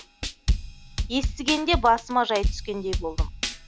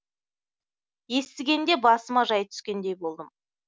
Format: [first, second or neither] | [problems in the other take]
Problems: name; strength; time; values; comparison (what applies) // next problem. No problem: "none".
second | background sound (Drum kit); 2 dB below the speech